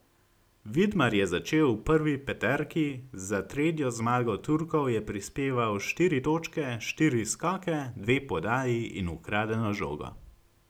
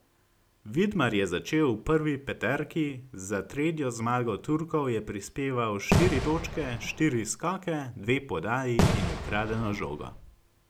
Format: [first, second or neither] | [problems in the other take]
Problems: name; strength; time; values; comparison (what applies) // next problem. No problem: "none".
first | background sound (Fireworks); as loud as the speech